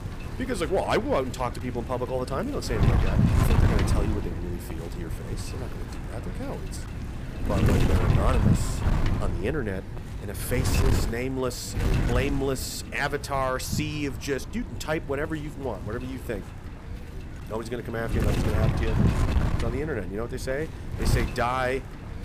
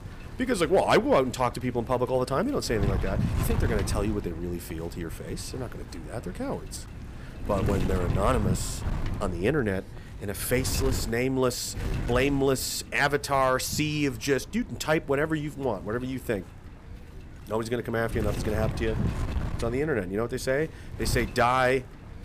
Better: second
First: wind noise on the microphone; heavy; 5 dB below the speech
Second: wind noise on the microphone; occasional gusts; 15 dB below the speech

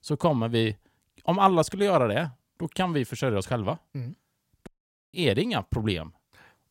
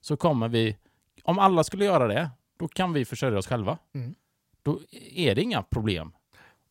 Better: second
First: audio cutting out; at 4.5 s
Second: none

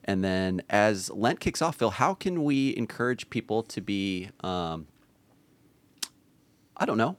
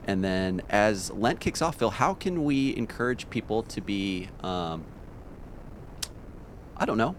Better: first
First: none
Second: wind noise on the microphone; occasional gusts; 20 dB below the speech

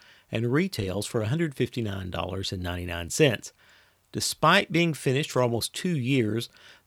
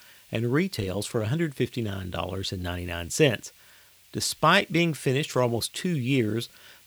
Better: first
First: none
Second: hiss; faint; throughout; 25 dB below the speech

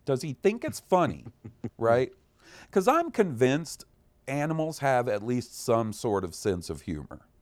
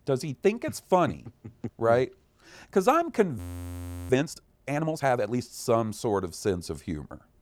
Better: first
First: none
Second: audio freezing; at 3.5 s for 0.5 s

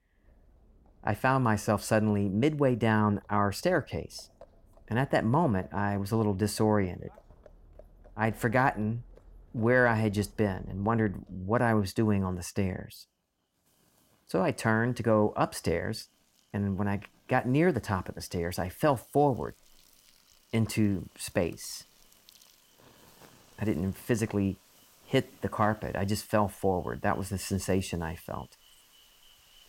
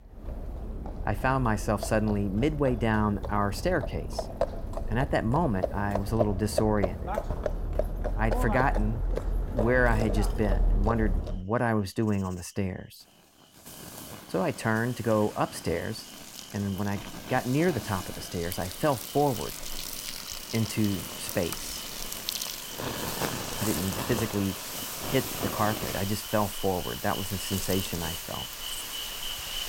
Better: first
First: animal sounds; faint; throughout; 30 dB below the speech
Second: animal sounds; loud; throughout; 5 dB below the speech

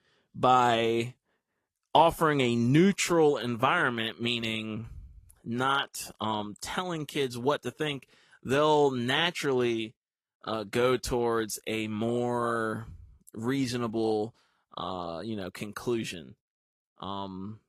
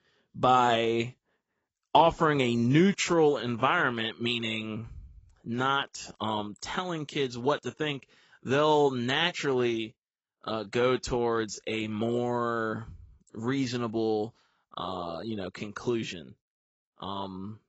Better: first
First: garbled, watery; slightly; nothing above 14.5 kHz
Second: garbled, watery; badly; nothing above 7.5 kHz

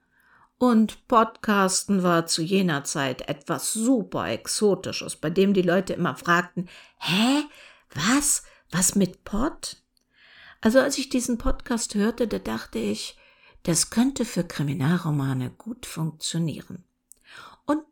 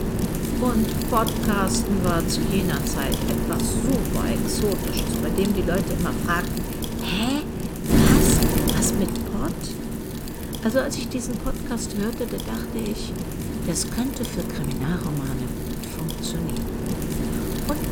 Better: first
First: none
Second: wind noise on the microphone; heavy; 1 dB below the speech

